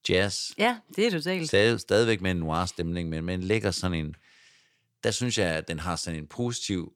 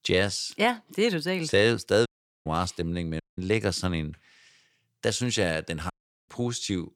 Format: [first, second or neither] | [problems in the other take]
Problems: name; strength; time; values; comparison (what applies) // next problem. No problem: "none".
first | audio cutting out; at 2 s, at 3 s and at 6 s